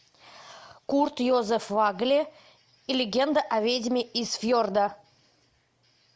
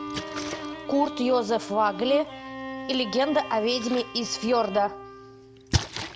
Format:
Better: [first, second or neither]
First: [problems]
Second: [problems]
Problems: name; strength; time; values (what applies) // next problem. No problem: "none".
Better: first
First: none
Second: background sound (Bowed string instrument + Splash, splatter); 8 dB below the speech